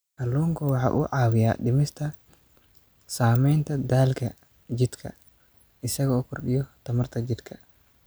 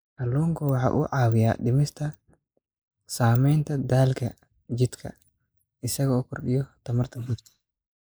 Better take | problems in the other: first | noise reduction (neural mask model Resemble Enhance denoiser)

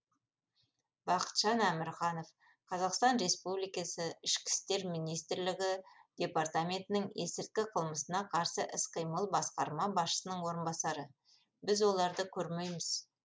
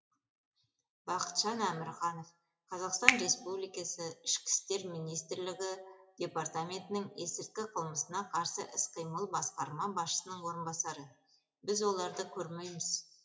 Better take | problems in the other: first | noise reduction (classical method WPE with log-MMSE)

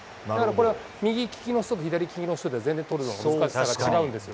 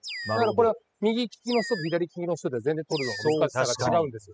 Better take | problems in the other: first | noise reduction (classical method spectral subtraction)

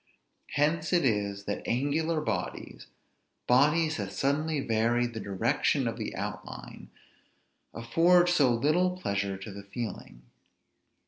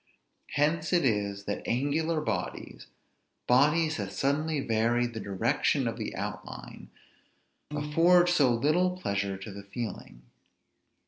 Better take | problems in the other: first | background sound (Piano); 8 dB below the speech

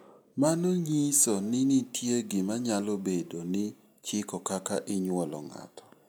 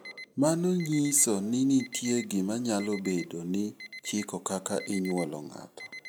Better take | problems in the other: first | background sound (Alarm); 17 dB below the speech

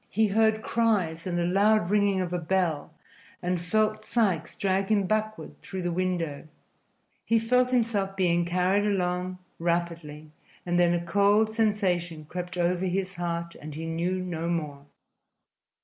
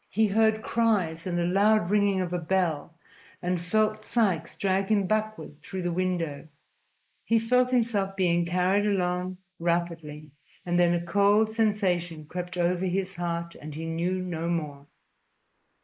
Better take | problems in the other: first | noise reduction (neural mask model Resemble Enhance denoiser)

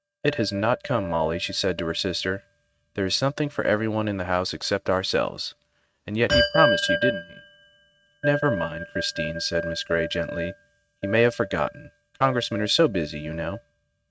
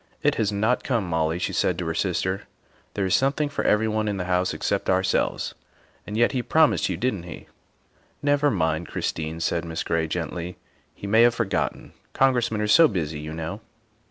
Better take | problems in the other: second | noise reduction (neural mask model RNNoise)

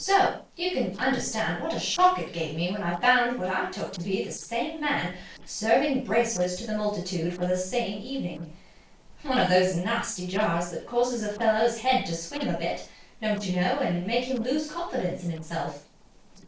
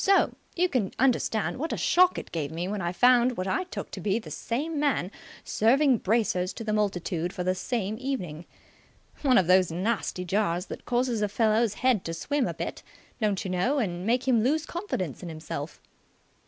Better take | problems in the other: second | noise reduction (neural separator model SepFormer DNS4)

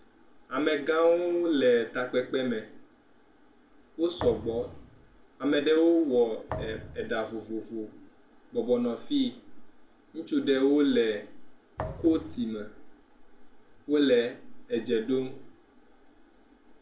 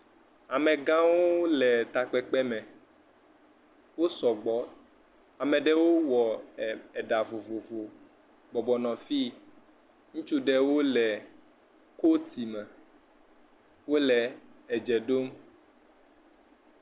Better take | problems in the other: second | background sound (Thump, thud); 13 dB below the speech // room echo; dies away in 0.3 s

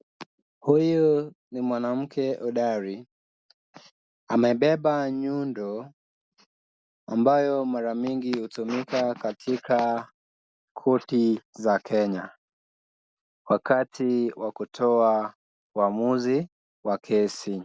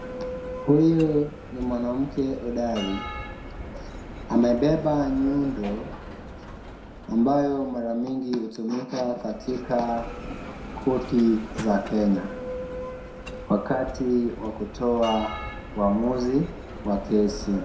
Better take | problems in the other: first | background sound (Bell); 11 dB below the speech // room echo; dies away in 0.5 s

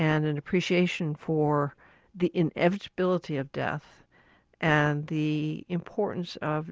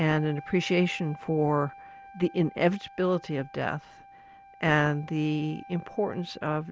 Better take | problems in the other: first | background sound (Wind instrument, woodwind instrument); 20 dB below the speech

